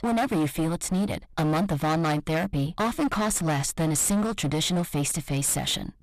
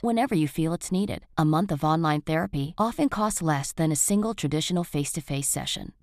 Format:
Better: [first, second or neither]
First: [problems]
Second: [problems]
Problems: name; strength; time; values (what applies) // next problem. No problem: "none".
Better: second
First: distortion; heavy; 23% of the sound clipped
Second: none